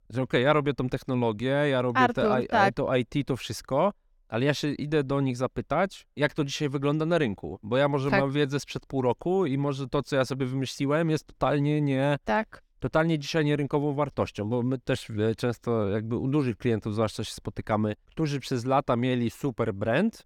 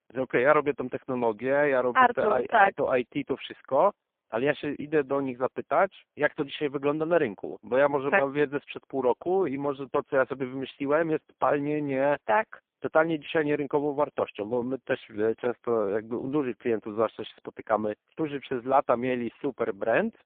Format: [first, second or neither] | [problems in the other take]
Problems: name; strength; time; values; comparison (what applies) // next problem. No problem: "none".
first | phone-call audio; poor line